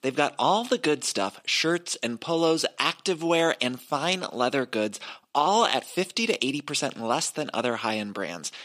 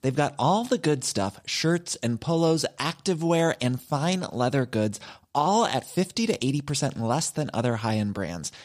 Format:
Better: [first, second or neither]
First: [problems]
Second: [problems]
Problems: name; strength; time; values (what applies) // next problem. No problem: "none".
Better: second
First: thin; very slightly; fading below 300 Hz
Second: none